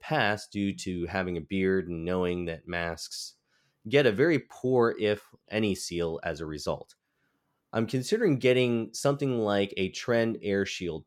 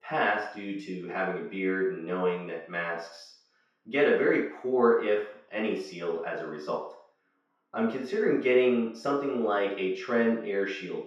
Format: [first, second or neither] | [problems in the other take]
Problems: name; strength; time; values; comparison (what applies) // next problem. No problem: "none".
first | room echo; noticeable; dies away in 0.6 s // off-mic speech; far